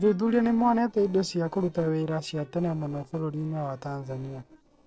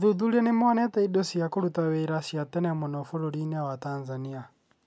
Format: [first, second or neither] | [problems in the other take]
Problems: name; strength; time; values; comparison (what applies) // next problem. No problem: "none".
second | noise reduction (neural separator model SepFormer DNS4)